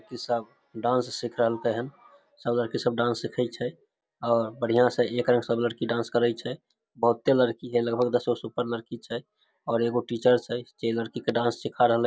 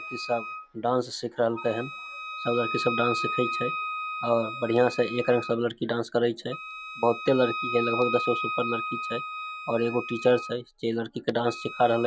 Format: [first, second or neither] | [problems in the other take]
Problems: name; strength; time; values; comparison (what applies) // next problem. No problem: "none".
first | background sound (Wind instrument, woodwind instrument); 7 dB below the speech